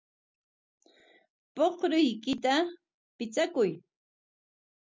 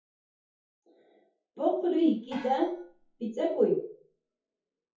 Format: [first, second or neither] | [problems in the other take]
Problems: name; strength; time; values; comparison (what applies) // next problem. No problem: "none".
first | noise reduction (classical method WPE with log-MMSE)